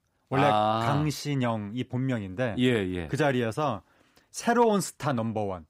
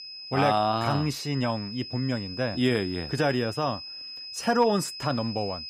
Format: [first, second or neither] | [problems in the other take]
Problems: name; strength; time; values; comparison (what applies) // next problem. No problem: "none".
first | high-pitched whine; loud; throughout; 5 kHz, 10 dB below the speech